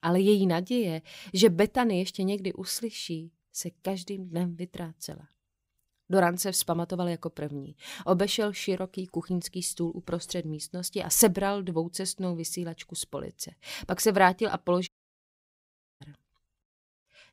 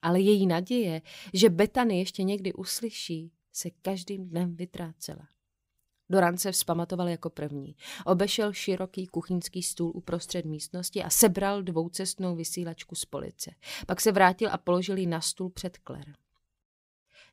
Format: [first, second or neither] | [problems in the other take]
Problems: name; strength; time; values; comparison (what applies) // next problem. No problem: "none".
second | audio cutting out; at 15 s for 1 s